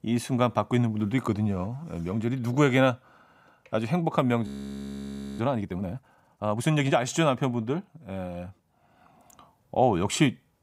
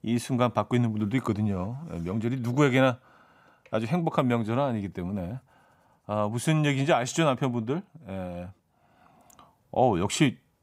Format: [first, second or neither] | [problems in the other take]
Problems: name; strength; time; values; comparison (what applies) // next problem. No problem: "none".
second | audio freezing; at 4.5 s for 1 s